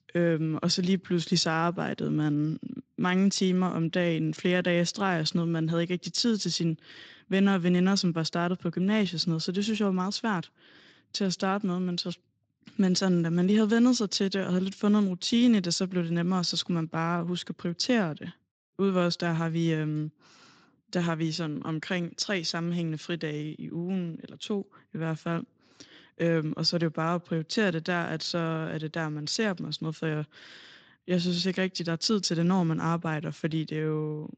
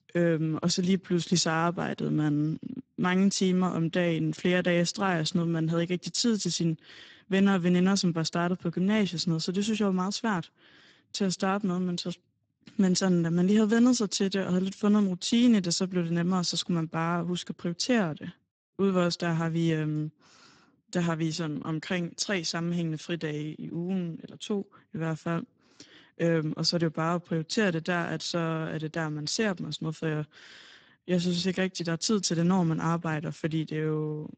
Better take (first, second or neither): first